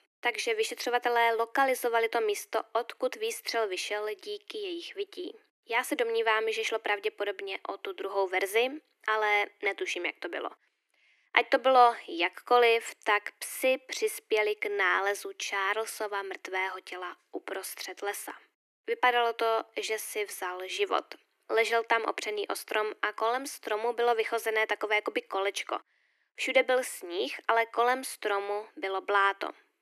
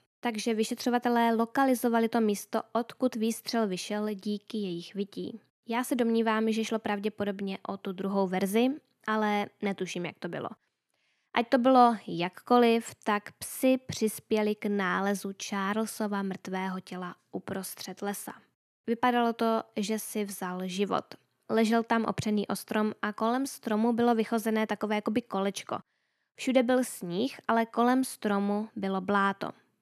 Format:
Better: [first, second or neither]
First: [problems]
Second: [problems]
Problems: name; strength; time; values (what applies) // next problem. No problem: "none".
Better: second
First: thin; very; fading below 300 Hz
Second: none